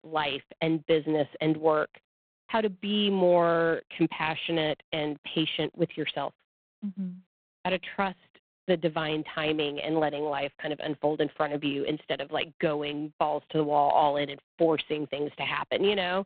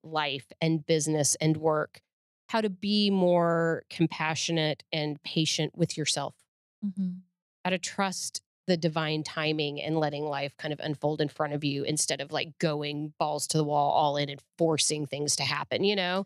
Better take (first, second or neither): second